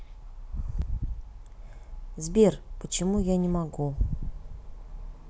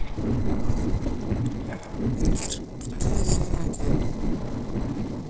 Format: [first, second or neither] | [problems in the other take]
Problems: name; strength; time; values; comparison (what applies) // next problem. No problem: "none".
first | noise reduction (neural separator model SepFormer DNS4)